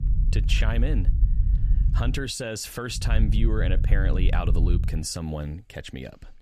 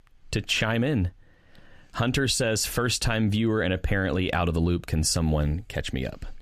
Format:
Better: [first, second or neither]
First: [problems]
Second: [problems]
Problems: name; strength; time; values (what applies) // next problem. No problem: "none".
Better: second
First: low rumble; noticeable; until 2 s and from 3 to 5 s; 10 dB below the speech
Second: none